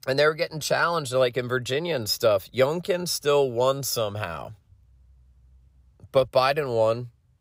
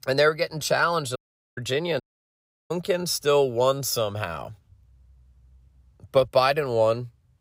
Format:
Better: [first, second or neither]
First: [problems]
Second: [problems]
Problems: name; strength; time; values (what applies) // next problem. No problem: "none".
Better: first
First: none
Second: audio cutting out; at 1 s and at 2 s for 0.5 s